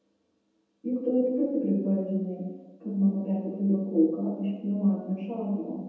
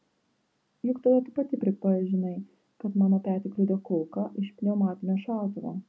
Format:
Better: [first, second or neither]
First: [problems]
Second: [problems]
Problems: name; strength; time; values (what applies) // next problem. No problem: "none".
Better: second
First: room echo; dies away in 1.1 s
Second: none